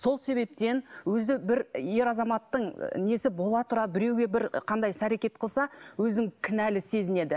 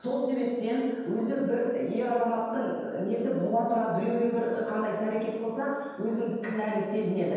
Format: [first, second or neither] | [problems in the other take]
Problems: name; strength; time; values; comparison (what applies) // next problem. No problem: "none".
first | room echo; dies away in 1.2 s